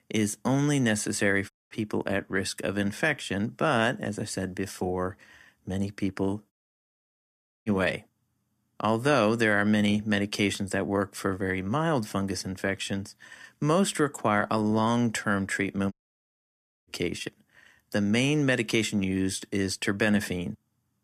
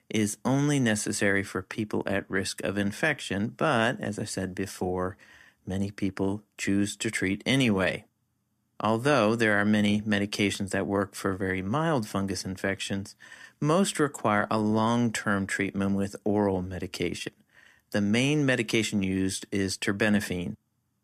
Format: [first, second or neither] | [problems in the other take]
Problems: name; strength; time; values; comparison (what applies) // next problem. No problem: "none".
second | audio cutting out; at 1.5 s, at 6.5 s for 1 s and at 16 s for 1 s